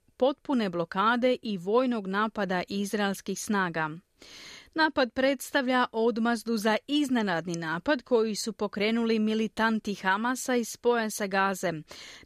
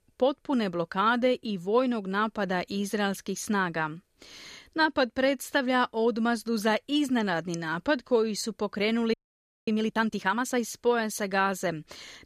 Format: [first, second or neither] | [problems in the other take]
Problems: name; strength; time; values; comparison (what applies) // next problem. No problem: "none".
first | audio freezing; at 9 s for 0.5 s